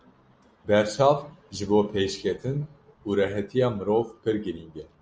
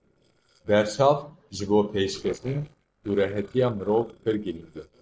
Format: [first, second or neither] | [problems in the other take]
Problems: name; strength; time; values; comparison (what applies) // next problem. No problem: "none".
first | noise reduction (neural separator model SepFormer DNS4)